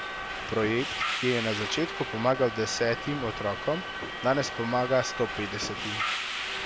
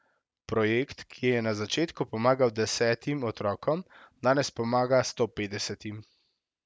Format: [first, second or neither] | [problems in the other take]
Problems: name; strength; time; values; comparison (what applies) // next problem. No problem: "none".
second | background sound (Subway, metro, underground); 4 dB below the speech